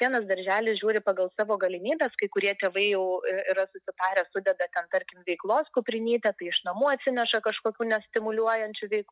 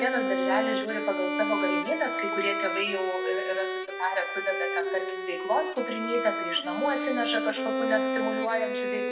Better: first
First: none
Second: background sound (Bowed string instrument); as loud as the speech // room echo; dies away in 0.5 s

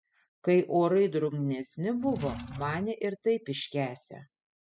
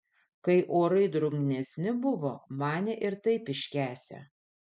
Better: second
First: noise reduction (classical method spectral subtraction)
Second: none

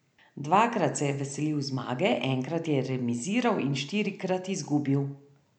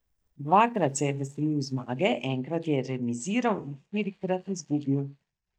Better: first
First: none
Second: noise reduction (neural mask model DeepFilterNet 3)

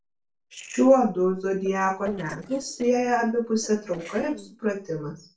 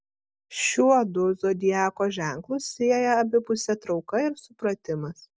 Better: second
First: noise reduction (neural separator model SepFormer DNS4)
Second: none

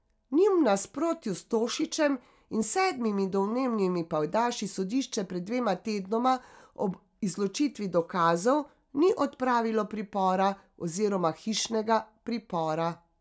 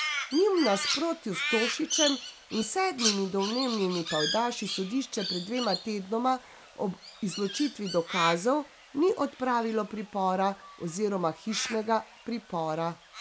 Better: first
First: none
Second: background sound (Crow); 7 dB below the speech

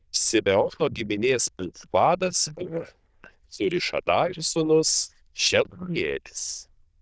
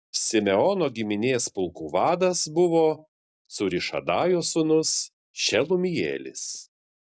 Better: second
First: noise reduction (neural diffusion model UNIVERSE++)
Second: none

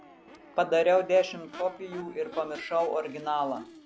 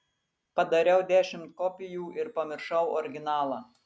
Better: second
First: background sound (Crowd / Race car, auto racing / Accelerating, revving, vroom); 18 dB below the speech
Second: none

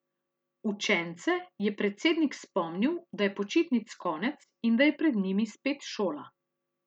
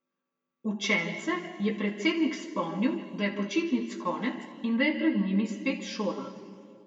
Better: first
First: none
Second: room echo; dies away in 1.7 s

